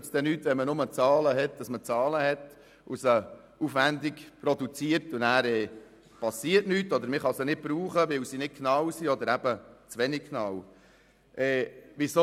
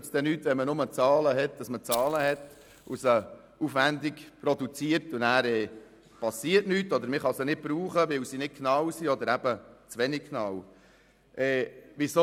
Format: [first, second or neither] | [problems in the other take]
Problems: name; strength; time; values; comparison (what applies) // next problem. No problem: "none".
first | background sound (Fire); 14 dB below the speech